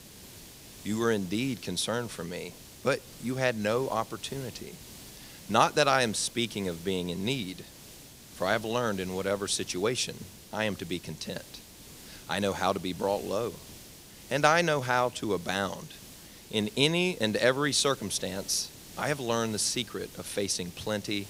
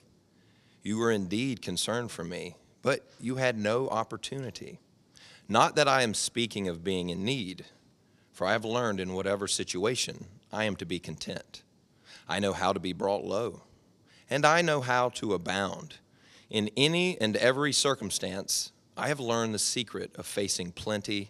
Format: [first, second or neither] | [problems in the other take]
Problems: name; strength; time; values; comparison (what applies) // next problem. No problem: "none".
second | hiss; noticeable; throughout; 20 dB below the speech